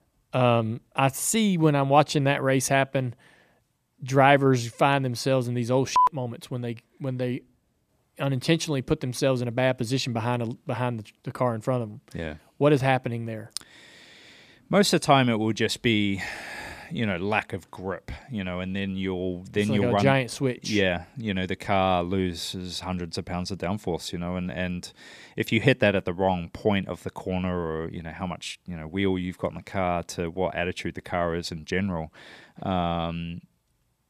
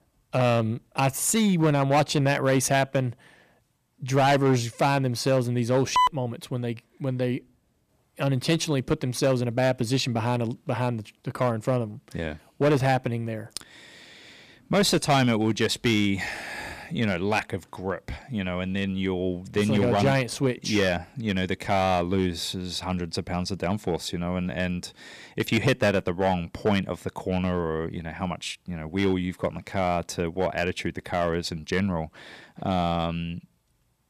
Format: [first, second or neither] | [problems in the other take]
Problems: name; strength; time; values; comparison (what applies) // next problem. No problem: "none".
first | distortion; slight; 4% of the sound clipped